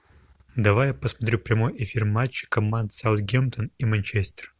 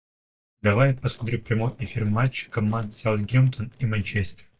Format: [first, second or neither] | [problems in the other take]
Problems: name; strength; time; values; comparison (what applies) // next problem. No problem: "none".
first | noise reduction (neural mask model DeepFilterNet 3)